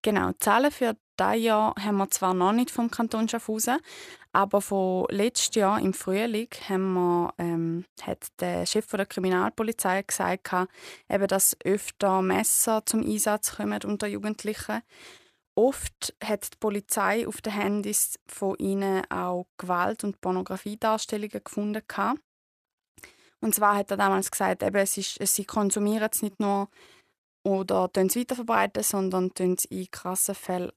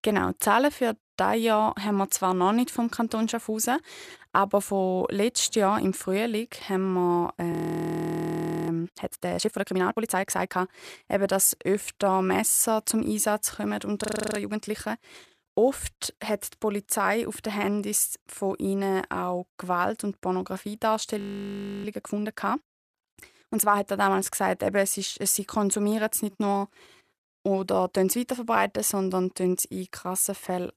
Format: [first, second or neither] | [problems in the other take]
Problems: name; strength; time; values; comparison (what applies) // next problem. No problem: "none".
first | audio freezing; at 7.5 s for 1 s, at 14 s and at 21 s for 0.5 s